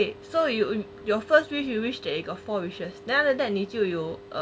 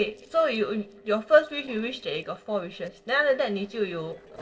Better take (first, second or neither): first